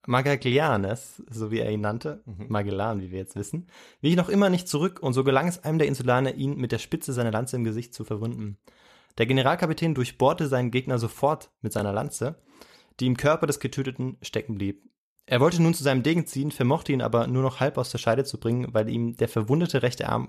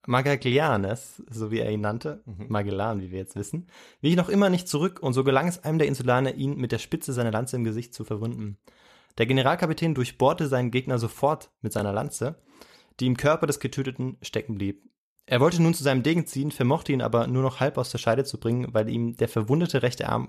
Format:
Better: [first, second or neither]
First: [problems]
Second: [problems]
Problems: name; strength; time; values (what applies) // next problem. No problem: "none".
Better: neither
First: none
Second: none